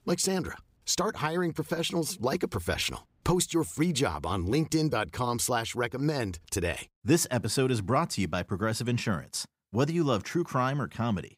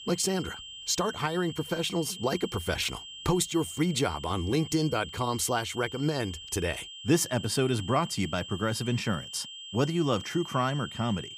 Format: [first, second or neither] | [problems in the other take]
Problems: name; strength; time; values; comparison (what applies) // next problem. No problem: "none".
first | high-pitched whine; noticeable; throughout; 3 kHz, 10 dB below the speech